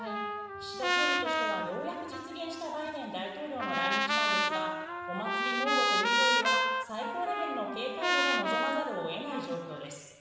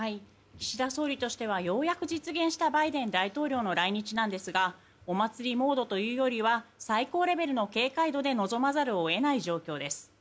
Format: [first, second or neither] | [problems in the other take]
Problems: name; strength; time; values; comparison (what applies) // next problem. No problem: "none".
second | background sound (Trumpet); 5 dB above the speech // room echo; dies away in 1.3 s